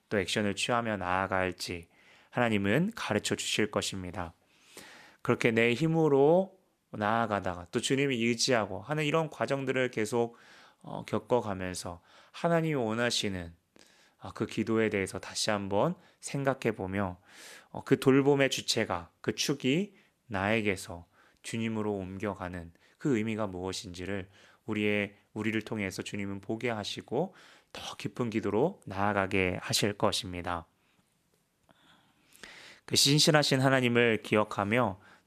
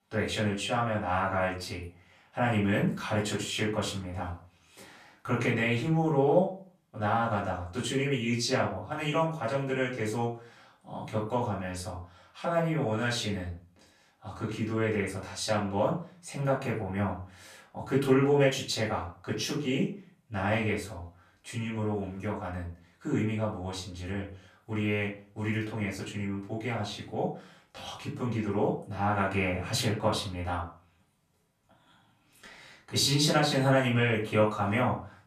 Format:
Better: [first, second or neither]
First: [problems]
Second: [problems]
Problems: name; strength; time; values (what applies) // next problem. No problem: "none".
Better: first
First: none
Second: off-mic speech; far // room echo; slight; dies away in 0.3 s